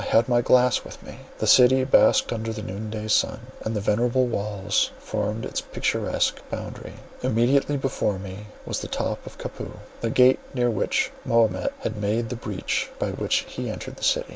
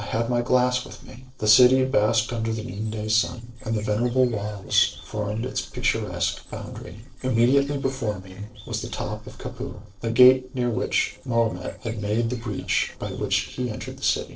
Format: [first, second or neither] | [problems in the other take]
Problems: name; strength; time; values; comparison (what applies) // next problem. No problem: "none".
first | noise reduction (neural separator model SepFormer DNS4)